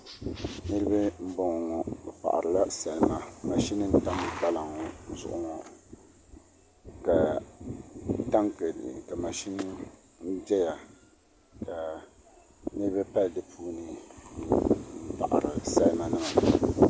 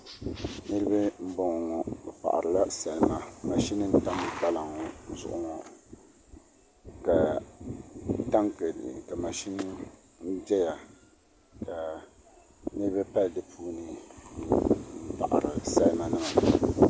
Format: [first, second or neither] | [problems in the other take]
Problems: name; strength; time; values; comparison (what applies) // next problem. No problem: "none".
second | background sound (Bowed string instrument); 19 dB below the speech